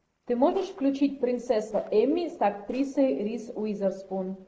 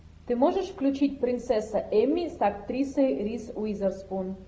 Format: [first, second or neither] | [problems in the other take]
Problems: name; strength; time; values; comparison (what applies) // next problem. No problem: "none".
second | noise reduction (neural separator model SepFormer DNS4)